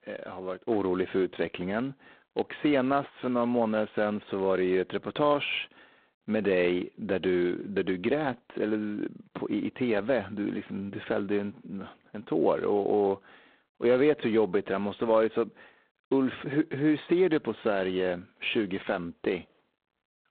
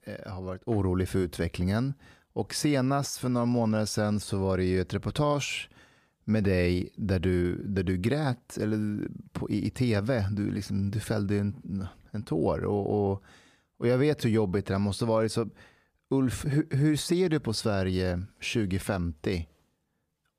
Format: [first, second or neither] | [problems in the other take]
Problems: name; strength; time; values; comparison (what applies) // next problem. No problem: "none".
second | phone-call audio; poor line; nothing above 4 kHz